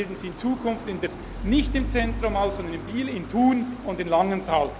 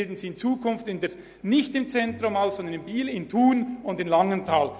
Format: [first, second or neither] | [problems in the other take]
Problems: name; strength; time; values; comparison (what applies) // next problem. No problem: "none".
second | background sound (Stream); 8 dB below the speech